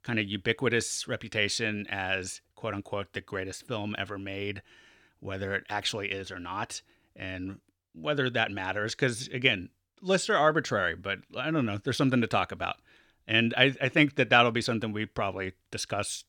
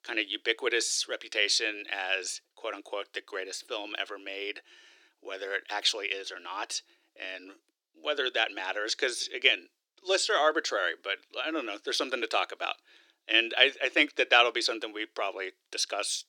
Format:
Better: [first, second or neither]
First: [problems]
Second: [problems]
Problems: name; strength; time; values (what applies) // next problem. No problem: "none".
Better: first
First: none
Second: thin; very; fading below 350 Hz